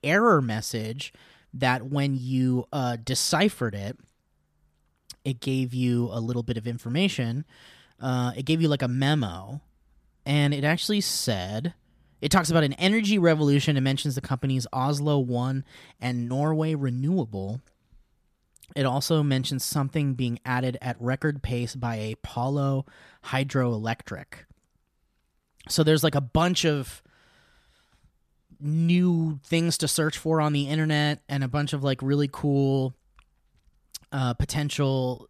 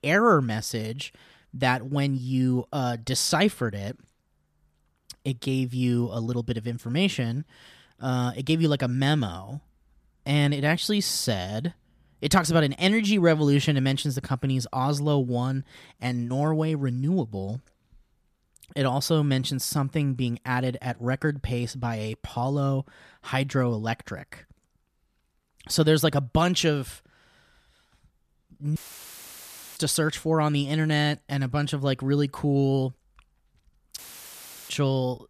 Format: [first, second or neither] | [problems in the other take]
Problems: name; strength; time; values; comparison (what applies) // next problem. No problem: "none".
first | audio cutting out; filled with static; at 29 s for 1 s and at 34 s for 0.5 s